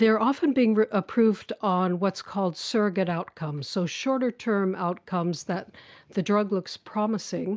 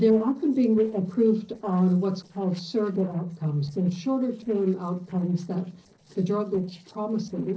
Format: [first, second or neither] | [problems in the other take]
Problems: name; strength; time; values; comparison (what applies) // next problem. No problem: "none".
first | noise reduction (neural separator model SepFormer DNS4)